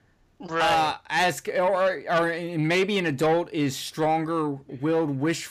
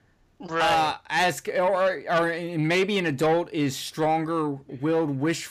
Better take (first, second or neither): neither